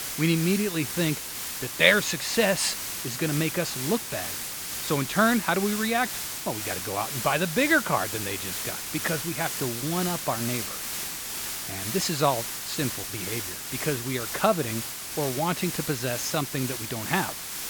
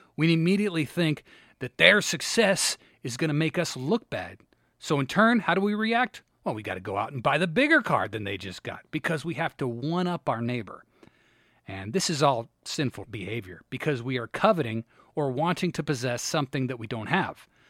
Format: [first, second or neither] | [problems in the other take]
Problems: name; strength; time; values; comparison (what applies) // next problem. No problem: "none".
second | hiss; loud; throughout; 4 dB below the speech